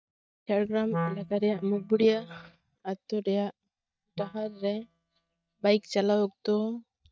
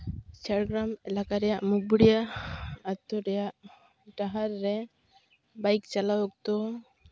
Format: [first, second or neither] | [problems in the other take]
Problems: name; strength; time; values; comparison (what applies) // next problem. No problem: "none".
second | noise reduction (neural mask model DeepFilterNet 3)